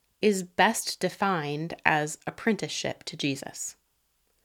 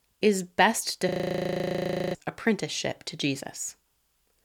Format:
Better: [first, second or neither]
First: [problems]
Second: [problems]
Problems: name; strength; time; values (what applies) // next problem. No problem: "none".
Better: first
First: none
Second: audio freezing; at 1 s for 1 s